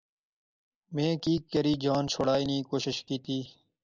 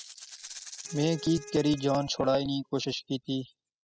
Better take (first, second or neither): first